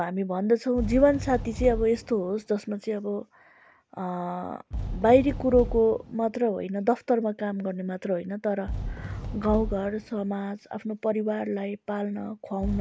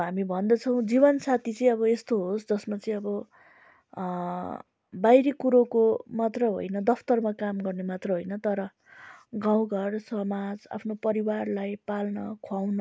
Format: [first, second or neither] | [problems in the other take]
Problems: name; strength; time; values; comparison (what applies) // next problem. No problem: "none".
second | background sound (Fireworks); 11 dB below the speech